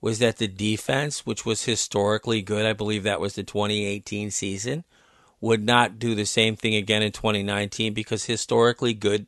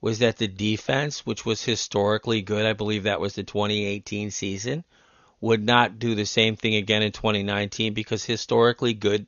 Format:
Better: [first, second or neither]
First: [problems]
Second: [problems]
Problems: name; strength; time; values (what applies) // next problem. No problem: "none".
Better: first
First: none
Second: garbled, watery; slightly; nothing above 6.5 kHz